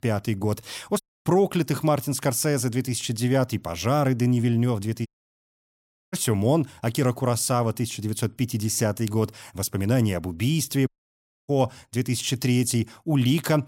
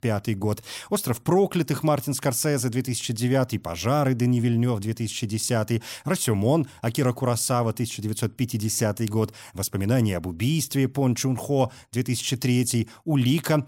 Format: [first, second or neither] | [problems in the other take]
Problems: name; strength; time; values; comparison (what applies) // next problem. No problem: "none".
second | audio cutting out; at 1 s, at 5 s for 1 s and at 11 s for 0.5 s